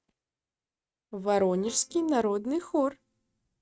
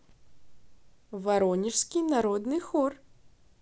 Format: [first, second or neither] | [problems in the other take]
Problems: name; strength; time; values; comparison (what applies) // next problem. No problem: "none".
second | noise reduction (neural mask model RNNoise)